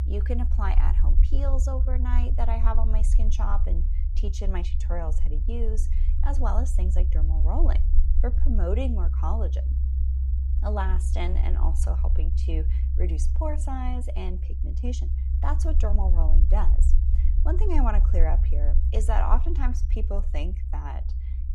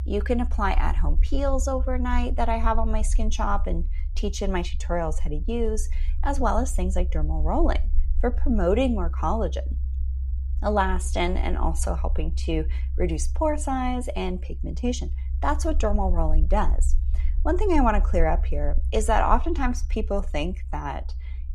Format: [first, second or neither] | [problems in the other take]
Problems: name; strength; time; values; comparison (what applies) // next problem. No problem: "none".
second | low rumble; loud; throughout; 10 dB below the speech; faint in the second